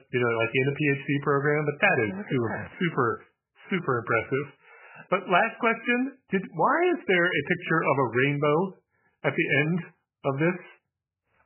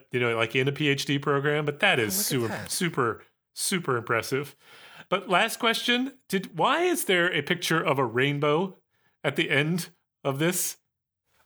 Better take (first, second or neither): second